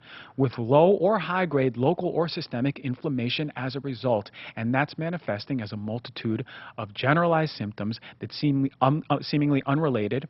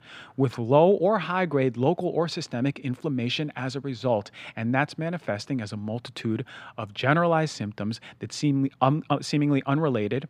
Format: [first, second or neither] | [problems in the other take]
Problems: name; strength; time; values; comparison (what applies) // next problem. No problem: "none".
second | garbled, watery; badly; nothing above 5.5 kHz